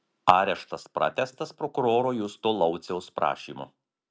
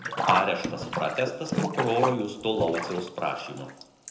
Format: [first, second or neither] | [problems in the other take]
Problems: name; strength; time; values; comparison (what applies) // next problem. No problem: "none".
first | background sound (Sink (filling or washing)); 3 dB below the speech // room echo; dies away in 0.7 s